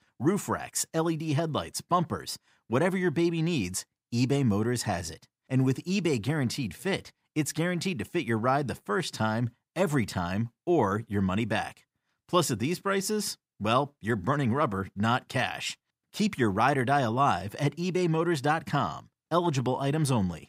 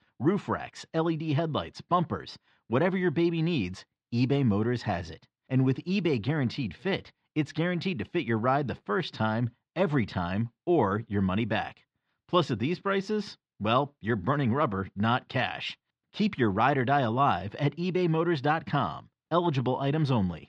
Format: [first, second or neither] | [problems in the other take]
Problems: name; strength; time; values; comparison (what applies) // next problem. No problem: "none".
first | muffled; slightly; fading above 4 kHz